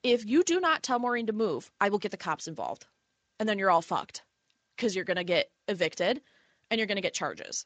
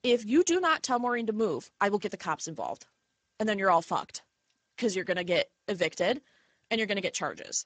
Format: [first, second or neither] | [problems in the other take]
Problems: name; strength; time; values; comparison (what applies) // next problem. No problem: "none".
first | garbled, watery; badly; nothing above 7.5 kHz; slightly in the first